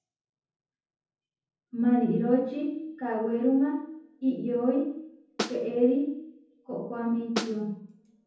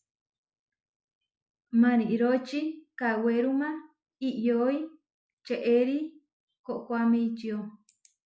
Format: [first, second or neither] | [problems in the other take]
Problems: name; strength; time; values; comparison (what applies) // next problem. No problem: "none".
second | background sound (Snare drum); 5 dB below the speech // room echo; dies away in 0.7 s